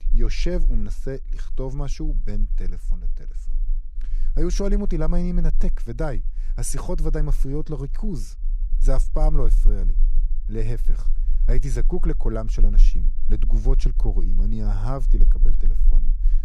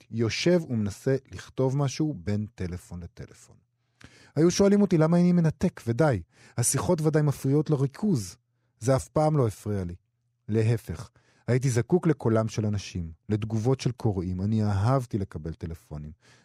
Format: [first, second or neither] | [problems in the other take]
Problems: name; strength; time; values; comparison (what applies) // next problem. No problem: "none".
second | low rumble; faint; throughout; 20 dB below the speech